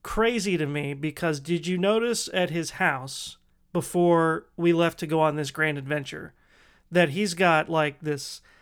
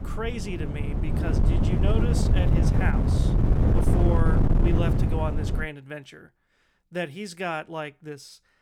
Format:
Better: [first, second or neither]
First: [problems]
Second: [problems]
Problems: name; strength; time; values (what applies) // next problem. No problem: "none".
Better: first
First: none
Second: wind noise on the microphone; heavy; until 5.5 s; as loud as the speech